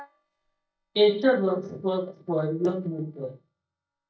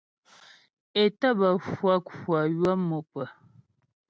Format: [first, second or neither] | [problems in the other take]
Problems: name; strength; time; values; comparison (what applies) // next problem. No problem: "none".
second | noise reduction (neural mask model DeepFilterNet 3)